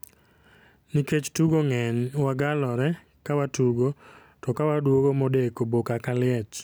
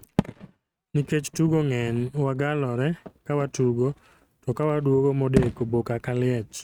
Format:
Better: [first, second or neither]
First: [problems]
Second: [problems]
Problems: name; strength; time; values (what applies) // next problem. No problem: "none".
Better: first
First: none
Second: noise reduction (neural mask model RNNoise)